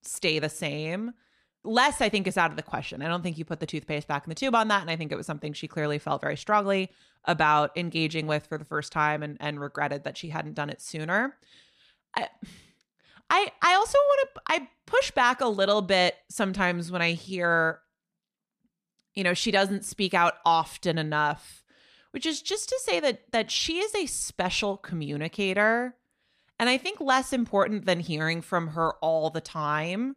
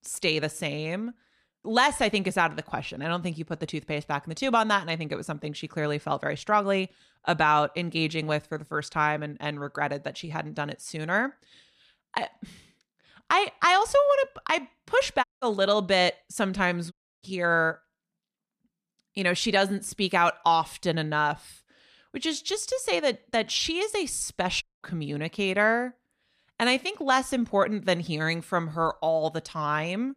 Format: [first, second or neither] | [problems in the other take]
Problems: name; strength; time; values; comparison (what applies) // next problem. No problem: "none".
first | audio cutting out; at 15 s, at 17 s and at 25 s